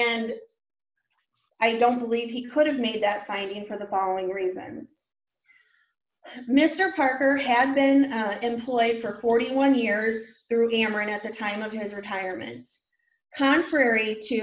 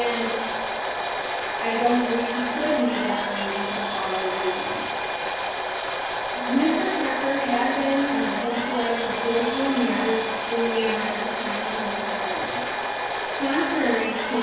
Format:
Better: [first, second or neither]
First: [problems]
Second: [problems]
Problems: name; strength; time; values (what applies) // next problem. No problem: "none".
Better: first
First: none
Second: background sound (Domestic sounds, home sounds); 1 dB below the speech // room echo; dies away in 1 s